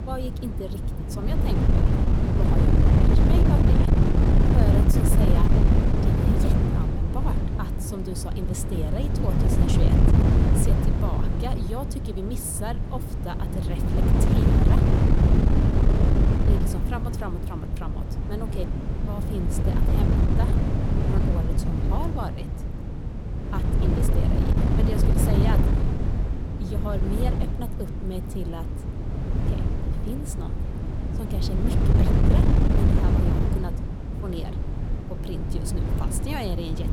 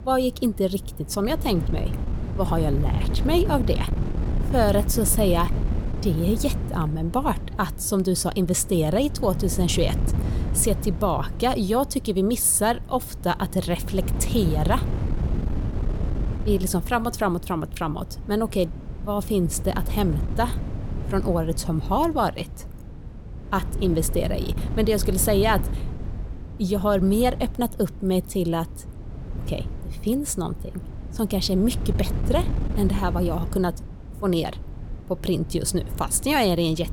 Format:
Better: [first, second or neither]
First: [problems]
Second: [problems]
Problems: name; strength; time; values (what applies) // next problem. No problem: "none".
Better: second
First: wind noise on the microphone; heavy; 4 dB above the speech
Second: wind noise on the microphone; occasional gusts; 15 dB below the speech